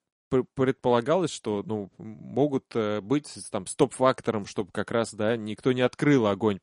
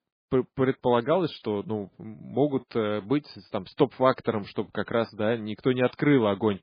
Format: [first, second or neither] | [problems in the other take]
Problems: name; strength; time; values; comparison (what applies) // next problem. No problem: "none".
first | garbled, watery; badly; slightly in the first